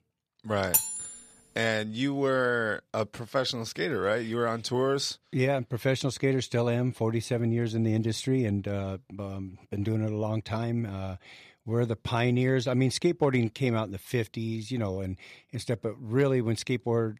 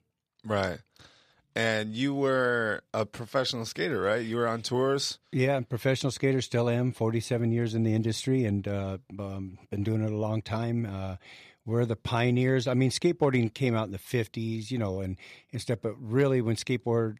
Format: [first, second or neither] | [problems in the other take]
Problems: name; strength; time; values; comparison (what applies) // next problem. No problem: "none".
second | clattering dishes; loud; at 0.5 s; peak 4 dB above the speech